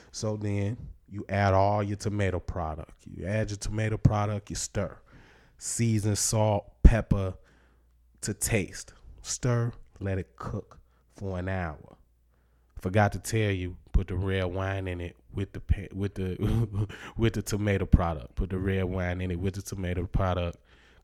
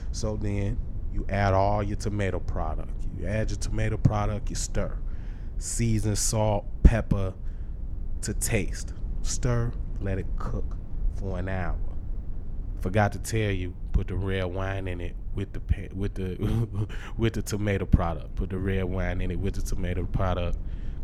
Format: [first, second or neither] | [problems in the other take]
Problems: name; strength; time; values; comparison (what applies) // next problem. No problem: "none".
first | low rumble; faint; throughout; 20 dB below the speech